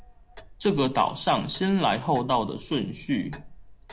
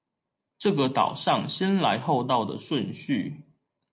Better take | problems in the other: second | background sound (Clock); 19 dB below the speech

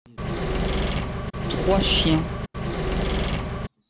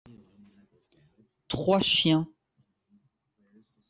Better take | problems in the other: second | background sound (Engine / Mechanisms); 4 dB above the speech

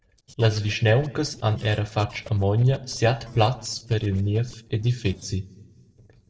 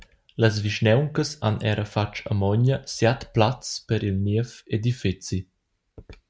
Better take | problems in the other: second | noise reduction (neural separator model SepFormer DNS4)

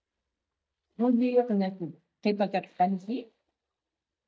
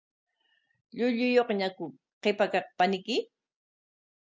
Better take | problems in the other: second | noise reduction (neural mask model DeepFilterNet 3)

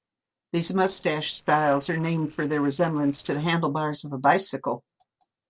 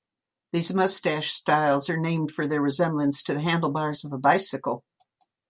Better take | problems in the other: second | noise reduction (neural separator model SepFormer DNS4)

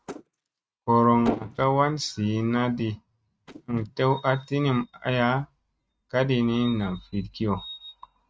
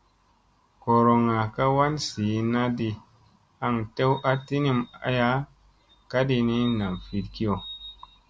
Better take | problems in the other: second | noise reduction (neural mask model RNNoise)

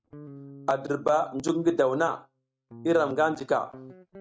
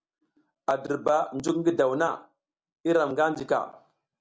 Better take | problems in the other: second | noise reduction (neural mask model RNNoise)

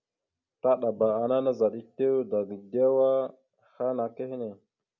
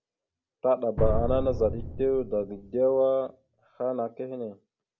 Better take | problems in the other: first | background sound (Drum); 4 dB below the speech

